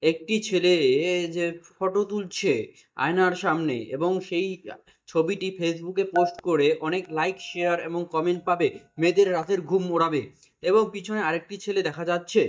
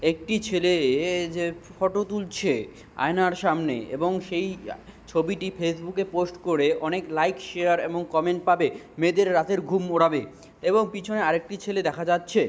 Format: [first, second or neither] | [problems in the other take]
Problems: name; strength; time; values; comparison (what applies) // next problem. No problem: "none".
second | noise reduction (neural mask model DeepFilterNet 3)